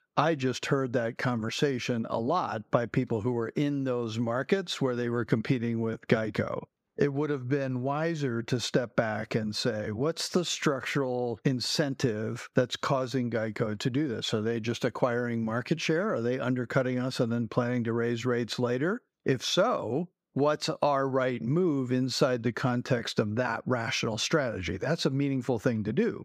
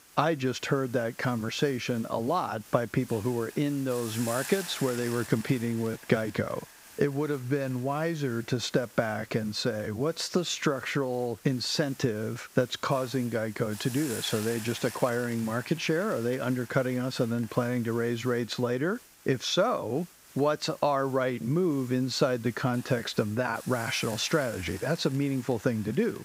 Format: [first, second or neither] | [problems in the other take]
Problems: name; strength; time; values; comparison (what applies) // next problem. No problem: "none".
first | hiss; noticeable; throughout; 15 dB below the speech